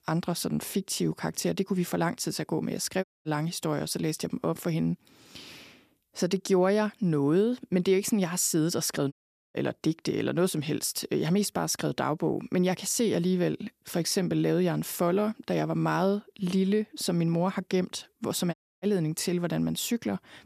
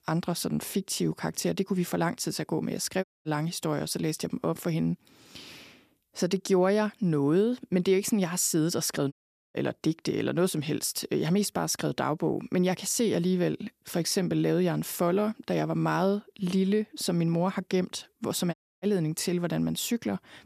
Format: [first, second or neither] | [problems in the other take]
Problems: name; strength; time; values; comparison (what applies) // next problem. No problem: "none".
neither | audio cutting out; at 3 s, at 9 s and at 19 s; the same in both